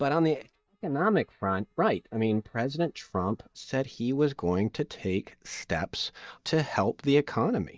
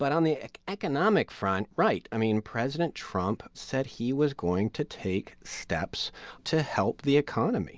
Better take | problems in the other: second | noise reduction (neural mask model DeepFilterNet 3)

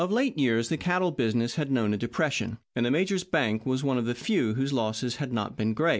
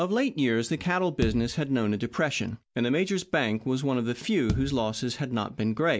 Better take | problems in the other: first | background sound (Bass drum); 10 dB below the speech

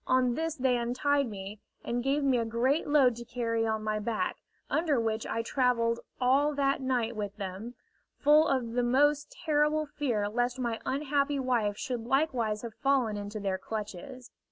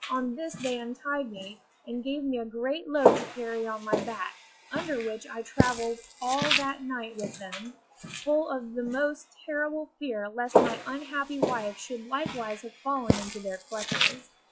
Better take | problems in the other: first | noise reduction (classical method log-MMSE)

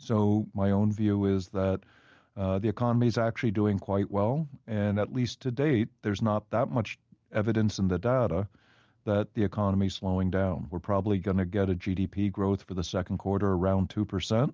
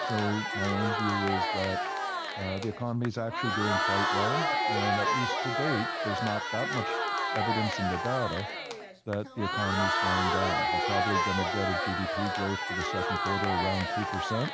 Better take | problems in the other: first | background sound (Crowd); 3 dB above the speech

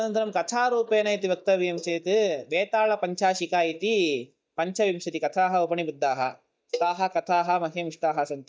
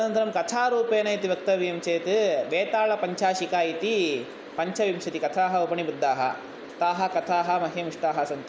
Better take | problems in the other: second | noise reduction (neural mask model DeepFilterNet 3)

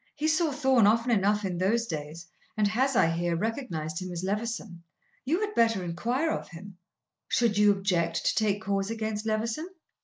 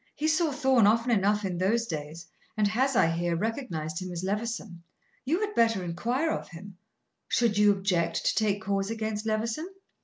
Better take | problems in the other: second | noise reduction (neural mask model Resemble Enhance denoiser)

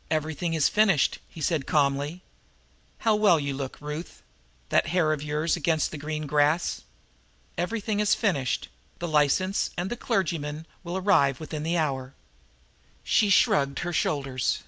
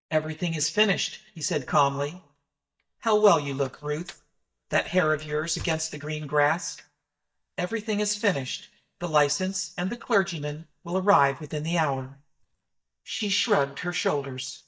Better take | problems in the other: first | noise reduction (neural mask model DeepFilterNet 3)

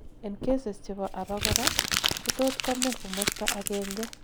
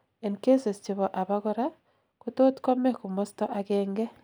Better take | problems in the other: second | background sound (Crumpling, crinkling); 1 dB above the speech

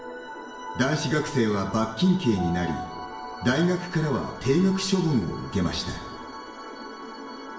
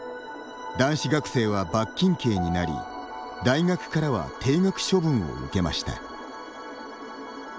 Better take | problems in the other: second | room echo; dies away in 0.8 s

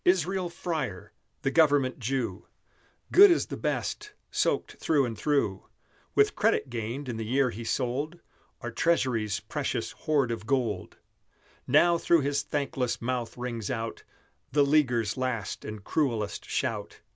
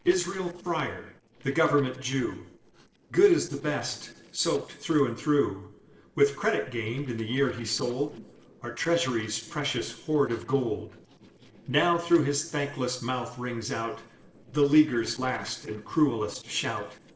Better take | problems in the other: first | noise reduction (neural separator model SepFormer DNS4)

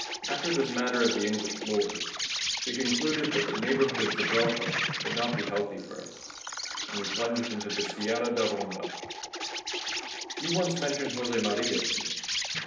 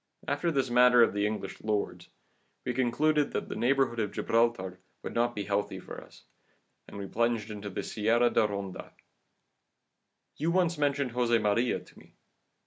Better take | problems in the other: second | background sound (Insect); 2 dB below the speech // room echo; dies away in 0.8 s

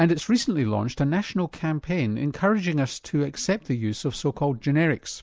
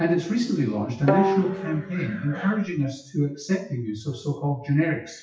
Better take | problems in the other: first | noise reduction (classical method WPE with log-MMSE)

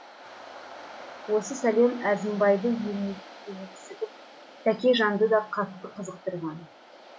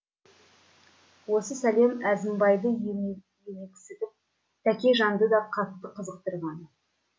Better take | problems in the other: second | background sound (Waves, surf); 18 dB below the speech

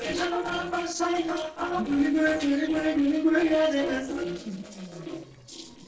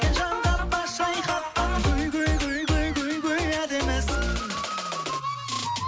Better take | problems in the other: second | noise reduction (neural separator model SepFormer DNS4)

